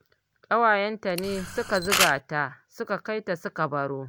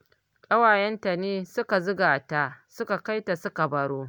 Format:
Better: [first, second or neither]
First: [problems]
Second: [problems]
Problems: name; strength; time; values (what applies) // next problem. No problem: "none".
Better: second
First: background sound (Camera); 1 dB below the speech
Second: none